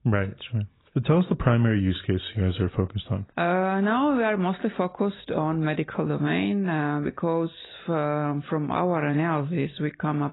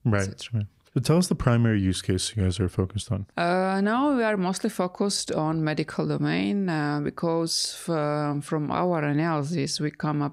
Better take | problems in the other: second | garbled, watery; badly; nothing above 4 kHz

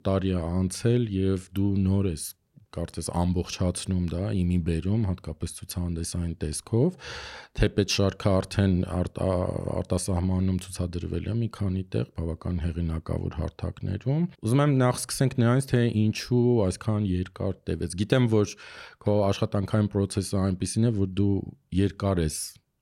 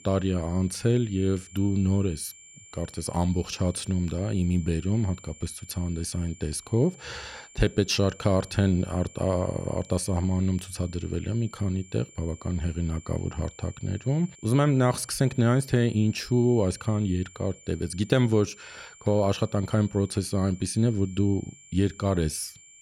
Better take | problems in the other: first | high-pitched whine; faint; throughout; 7 kHz, 20 dB below the speech

